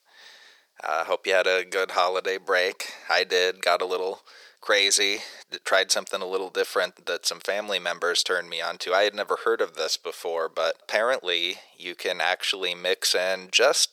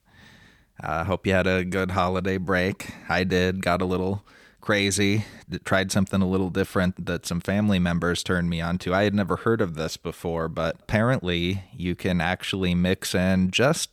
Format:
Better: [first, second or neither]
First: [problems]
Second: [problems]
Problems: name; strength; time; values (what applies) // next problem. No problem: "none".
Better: second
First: thin; very; fading below 450 Hz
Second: none